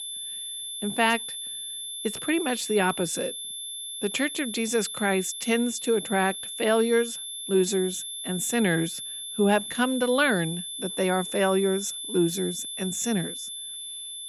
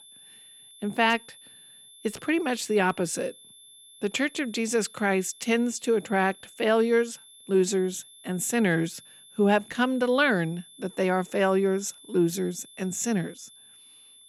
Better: second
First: high-pitched whine; loud; throughout; 3.5 kHz, 7 dB below the speech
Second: high-pitched whine; faint; throughout; 3.5 kHz, 20 dB below the speech

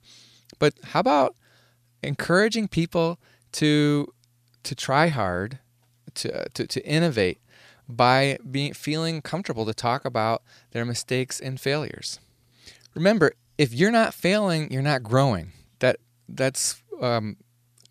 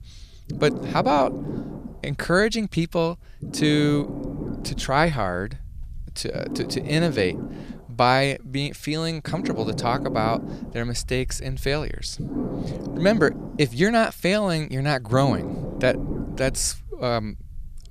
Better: first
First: none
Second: low rumble; noticeable; throughout; 10 dB below the speech

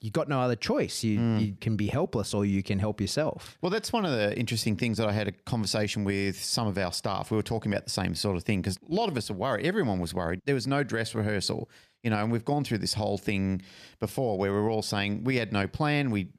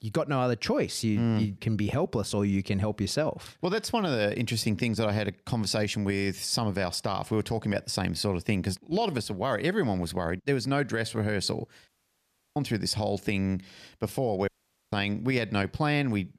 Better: first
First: none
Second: audio cutting out; at 12 s for 0.5 s and at 14 s

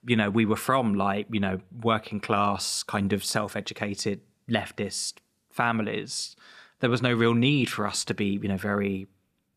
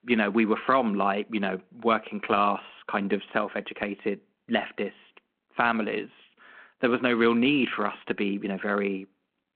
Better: first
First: none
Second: phone-call audio

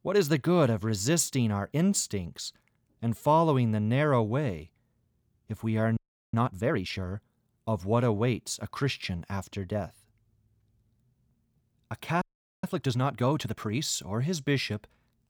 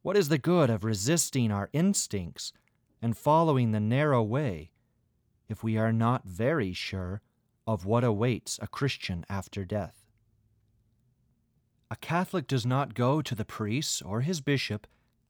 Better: second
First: audio freezing; at 6 s and at 12 s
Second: none

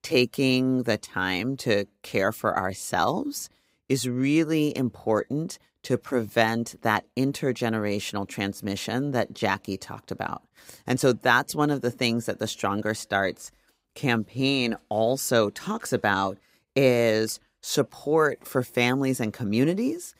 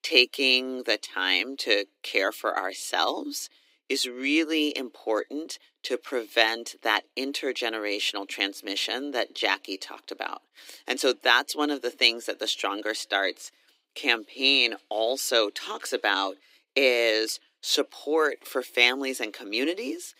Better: first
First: none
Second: thin; somewhat; fading below 300 Hz

